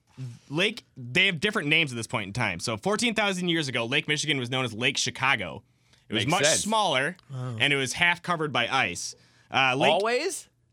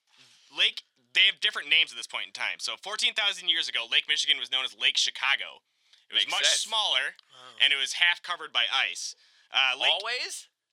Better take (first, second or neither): first